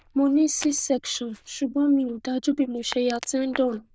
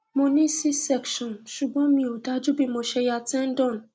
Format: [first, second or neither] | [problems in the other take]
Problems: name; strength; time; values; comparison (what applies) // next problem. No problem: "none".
second | noise reduction (neural diffusion model UNIVERSE++)